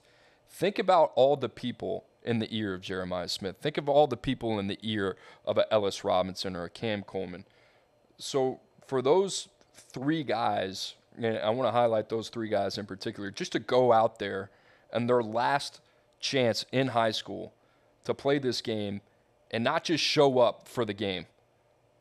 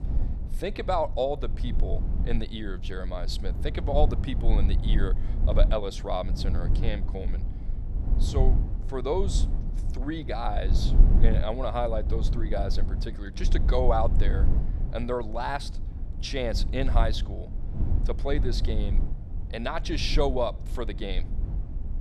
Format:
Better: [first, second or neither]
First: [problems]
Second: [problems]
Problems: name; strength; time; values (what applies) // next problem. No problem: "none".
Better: first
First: none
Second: low rumble; noticeable; throughout; 15 dB below the speech